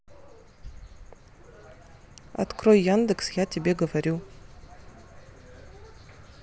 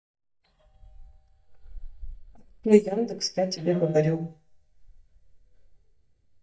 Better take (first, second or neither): first